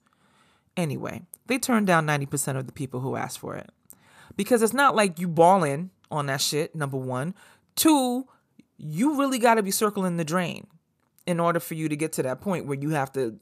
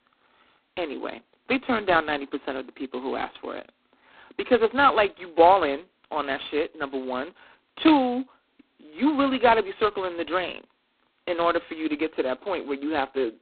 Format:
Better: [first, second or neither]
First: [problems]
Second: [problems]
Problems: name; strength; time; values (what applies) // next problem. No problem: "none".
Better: first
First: none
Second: phone-call audio; poor line; nothing above 4 kHz